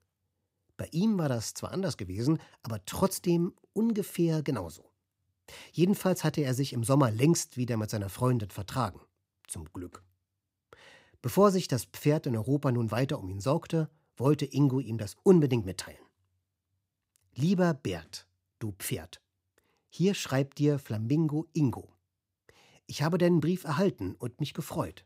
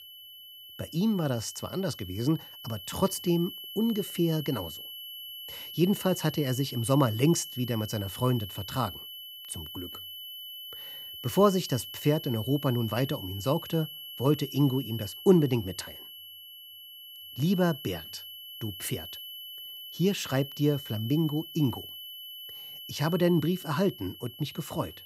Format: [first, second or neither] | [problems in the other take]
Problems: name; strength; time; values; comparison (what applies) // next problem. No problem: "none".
first | high-pitched whine; noticeable; throughout; 3 kHz, 10 dB below the speech